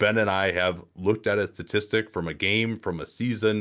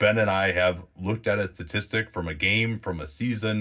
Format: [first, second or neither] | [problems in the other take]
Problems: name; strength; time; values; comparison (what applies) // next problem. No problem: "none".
first | room echo; dies away in 0.4 s